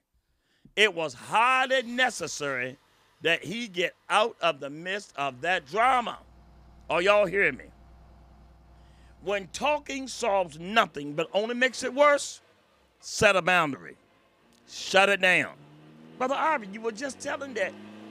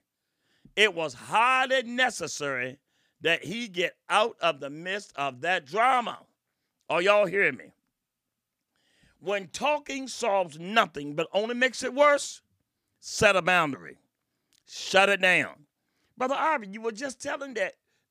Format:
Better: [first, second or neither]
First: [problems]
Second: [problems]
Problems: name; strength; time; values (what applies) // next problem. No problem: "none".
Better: second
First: traffic noise; faint; throughout; 30 dB below the speech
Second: none